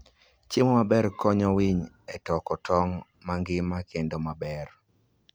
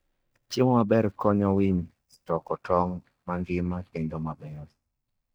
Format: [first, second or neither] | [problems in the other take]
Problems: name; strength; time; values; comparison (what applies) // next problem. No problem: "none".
first | noise reduction (neural mask model DeepFilterNet 3)